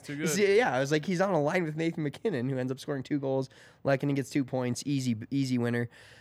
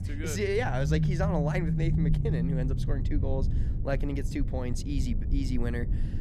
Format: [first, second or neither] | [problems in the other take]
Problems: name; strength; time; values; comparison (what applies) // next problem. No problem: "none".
first | low rumble; loud; throughout; 7 dB below the speech